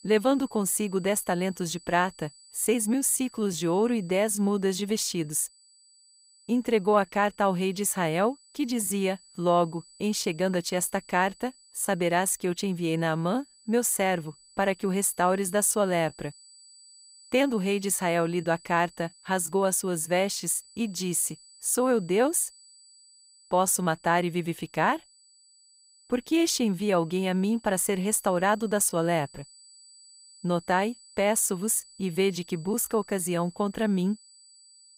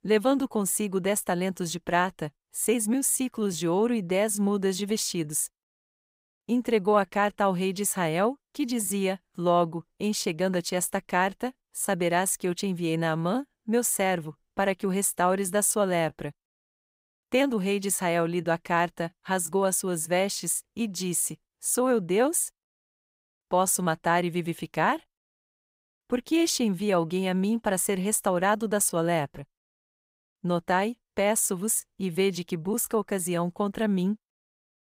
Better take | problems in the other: second | high-pitched whine; faint; throughout; 4.5 kHz, 25 dB below the speech

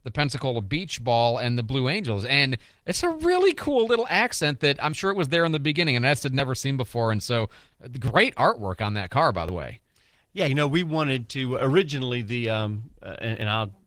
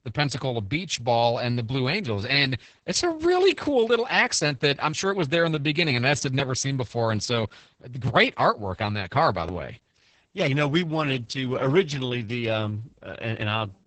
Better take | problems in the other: first | garbled, watery; badly; nothing above 8 kHz; slightly in the first

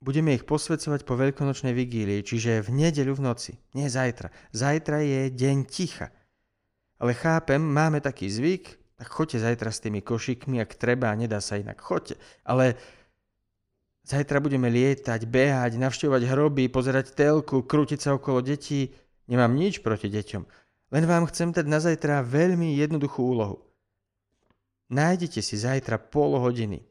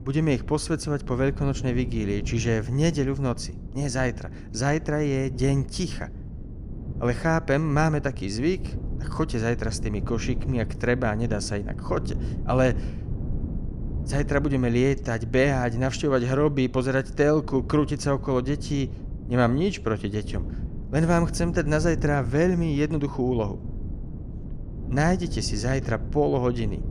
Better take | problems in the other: first | wind noise on the microphone; occasional gusts; 15 dB below the speech

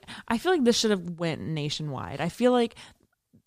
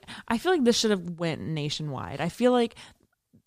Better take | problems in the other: neither | none

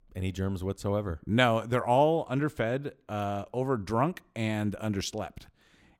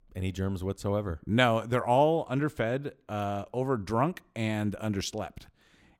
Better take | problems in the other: neither | none

